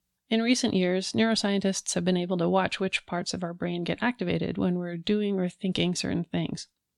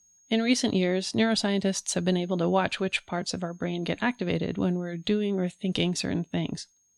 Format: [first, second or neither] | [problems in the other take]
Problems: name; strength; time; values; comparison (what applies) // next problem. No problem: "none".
first | high-pitched whine; faint; throughout; 6.5 kHz, 35 dB below the speech